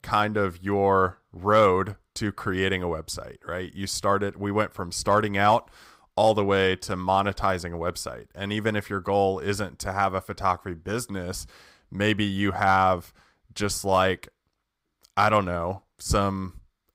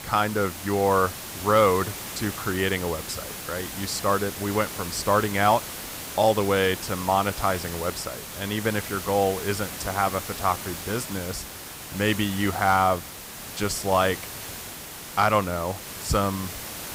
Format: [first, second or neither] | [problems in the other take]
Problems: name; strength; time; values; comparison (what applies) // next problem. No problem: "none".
first | hiss; loud; throughout; 9 dB below the speech